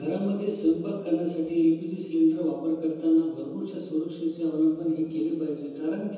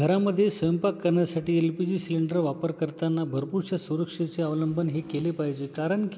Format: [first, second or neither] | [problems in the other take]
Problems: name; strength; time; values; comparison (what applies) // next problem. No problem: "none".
second | room echo; dies away in 1.1 s